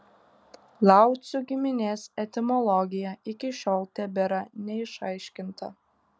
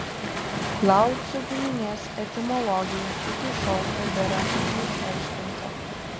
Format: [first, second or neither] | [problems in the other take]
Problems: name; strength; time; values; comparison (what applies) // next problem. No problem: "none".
first | background sound (Waves, surf); 1 dB below the speech